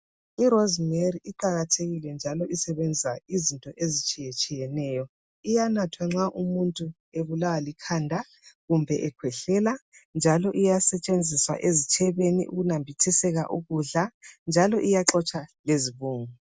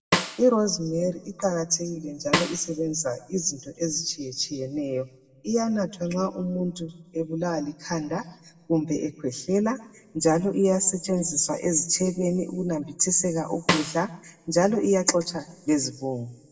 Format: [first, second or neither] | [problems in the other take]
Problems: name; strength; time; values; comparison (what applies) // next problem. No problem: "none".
first | background sound (Snare drum); 5 dB below the speech // room echo; dies away in 1.3 s